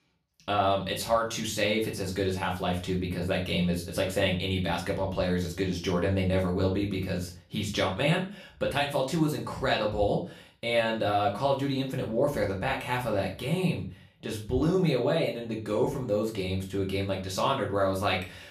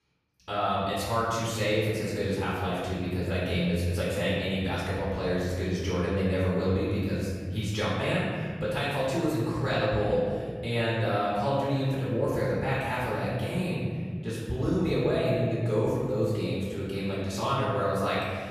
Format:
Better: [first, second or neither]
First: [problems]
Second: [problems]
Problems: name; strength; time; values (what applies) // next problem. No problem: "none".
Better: first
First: room echo; slight; dies away in 0.3 s // off-mic speech; far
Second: room echo; strong; dies away in 1.9 s // off-mic speech; far